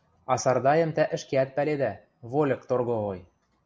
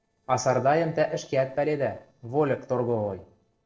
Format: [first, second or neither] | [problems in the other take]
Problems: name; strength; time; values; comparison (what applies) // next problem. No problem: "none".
first | noise reduction (neural separator model SepFormer DNS4)